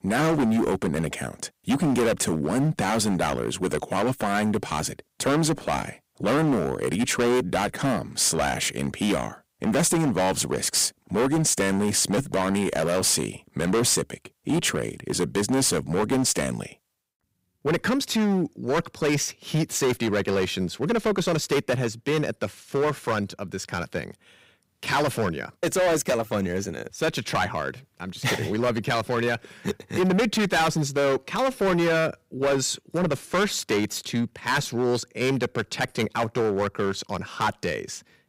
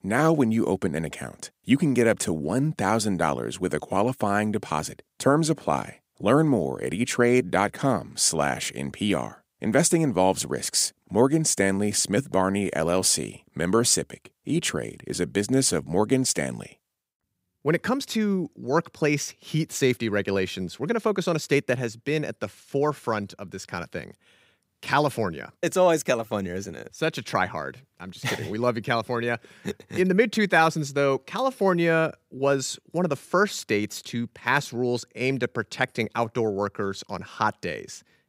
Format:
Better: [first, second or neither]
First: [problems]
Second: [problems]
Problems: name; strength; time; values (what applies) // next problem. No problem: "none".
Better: second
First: distortion; heavy; 13% of the sound clipped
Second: none